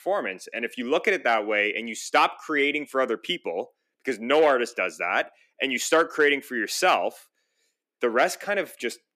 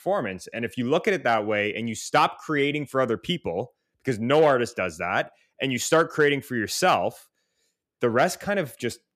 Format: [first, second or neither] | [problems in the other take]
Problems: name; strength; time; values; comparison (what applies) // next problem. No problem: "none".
second | thin; very slightly; fading below 250 Hz